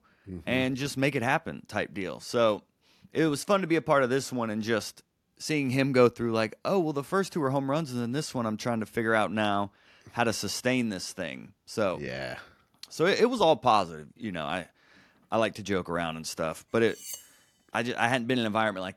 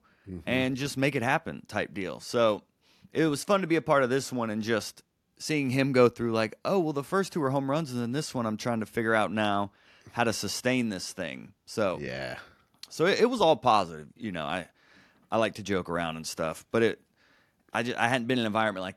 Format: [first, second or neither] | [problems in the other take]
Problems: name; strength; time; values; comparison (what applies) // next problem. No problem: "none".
second | clattering dishes; faint; at 17 s; peak 10 dB below the speech